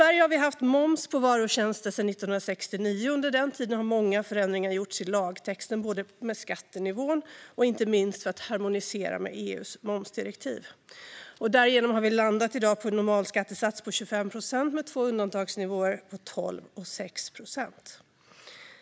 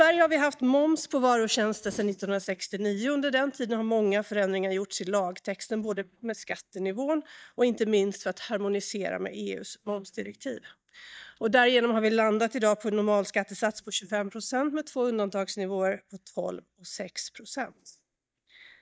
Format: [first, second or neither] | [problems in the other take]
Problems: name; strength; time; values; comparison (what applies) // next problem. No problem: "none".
first | noise reduction (neural mask model DeepFilterNet 3)